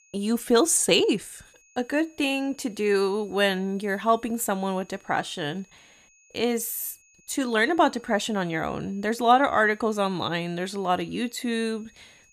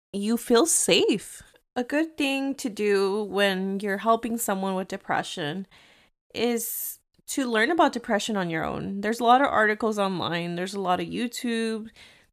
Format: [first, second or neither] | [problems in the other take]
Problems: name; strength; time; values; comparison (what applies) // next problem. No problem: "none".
second | high-pitched whine; faint; throughout; 6.5 kHz, 30 dB below the speech